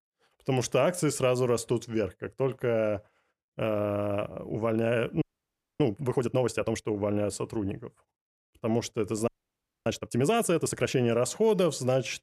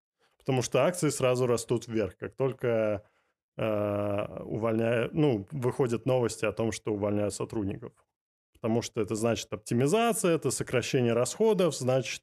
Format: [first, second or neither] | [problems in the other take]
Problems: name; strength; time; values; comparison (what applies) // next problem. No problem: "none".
second | audio freezing; at 5 s for 0.5 s and at 9.5 s for 0.5 s